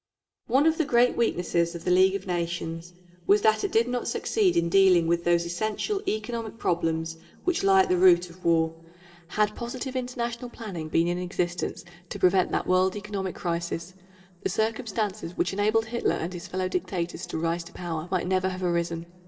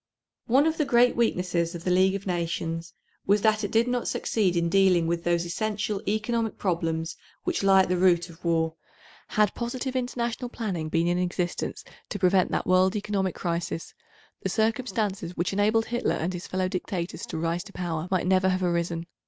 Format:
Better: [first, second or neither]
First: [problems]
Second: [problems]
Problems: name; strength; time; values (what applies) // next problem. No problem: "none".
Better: second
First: room echo; dies away in 2.2 s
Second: none